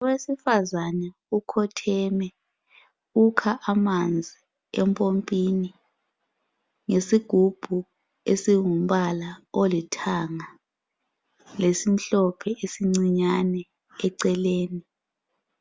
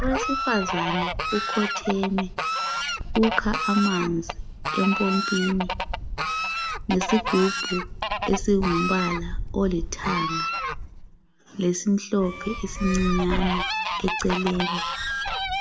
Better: first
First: none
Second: background sound (Fowl); 2 dB below the speech // room echo; dies away in 0.7 s

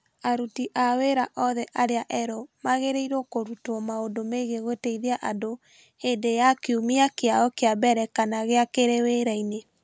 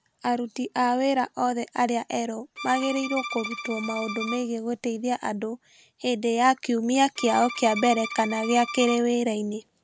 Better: first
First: none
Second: background sound (Bowed string instrument); 10 dB below the speech

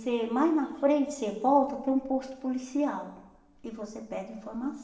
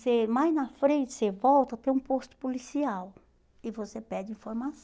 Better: second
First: room echo; dies away in 1 s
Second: none

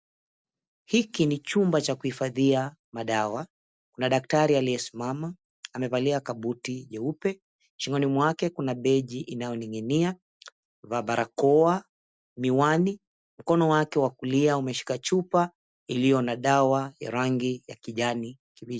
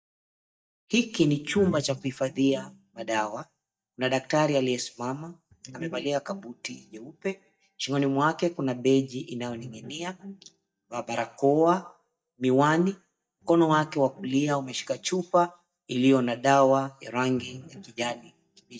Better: first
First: none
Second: noise reduction (neural mask model DeepFilterNet 3)

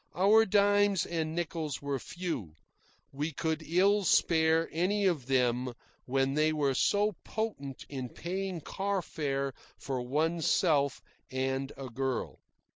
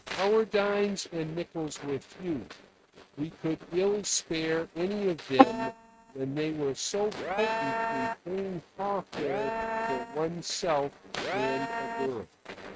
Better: first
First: none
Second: noise reduction (neural mask model RNNoise)

